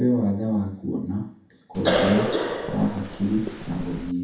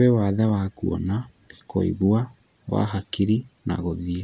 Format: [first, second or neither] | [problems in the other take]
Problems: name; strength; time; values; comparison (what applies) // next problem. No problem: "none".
second | background sound (Cough); 1 dB below the speech // room echo; dies away in 0.7 s